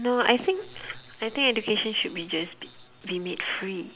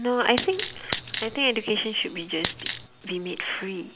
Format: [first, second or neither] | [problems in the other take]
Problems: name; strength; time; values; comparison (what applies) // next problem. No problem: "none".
first | background sound (Coin (dropping)); 4 dB below the speech